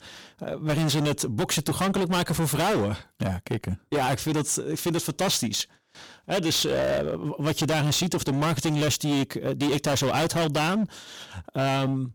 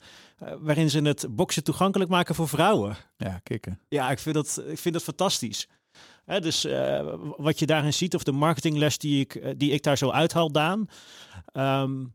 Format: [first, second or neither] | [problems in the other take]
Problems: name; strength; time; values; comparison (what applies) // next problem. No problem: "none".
second | distortion; heavy; 23% of the sound clipped